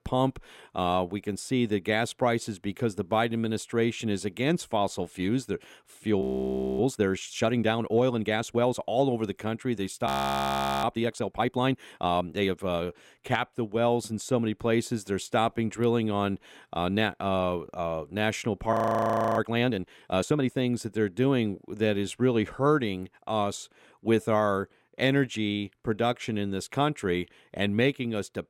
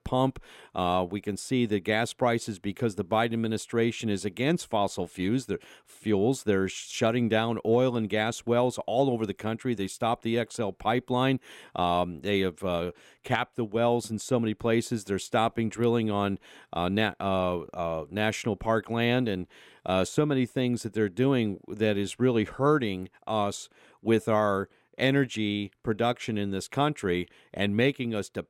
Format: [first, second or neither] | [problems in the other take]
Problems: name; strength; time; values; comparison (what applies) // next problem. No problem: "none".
second | audio freezing; at 6 s for 0.5 s, at 10 s for 1 s and at 19 s for 0.5 s